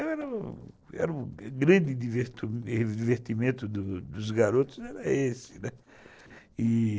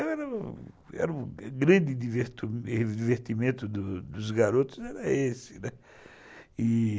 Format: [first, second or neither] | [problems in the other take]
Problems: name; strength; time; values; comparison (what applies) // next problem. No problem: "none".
second | noise reduction (neural separator model SepFormer DNS4)